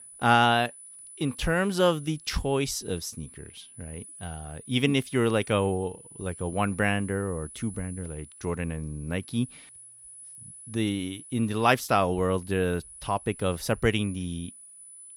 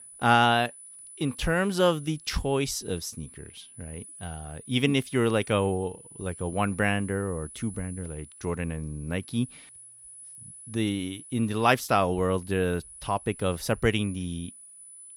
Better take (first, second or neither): neither